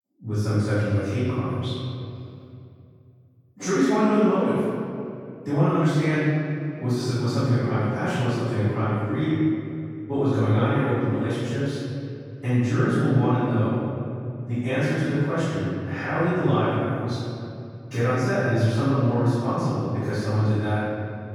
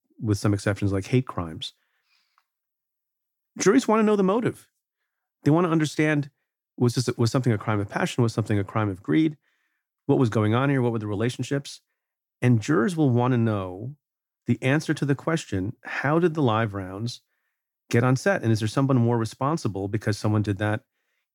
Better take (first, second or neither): second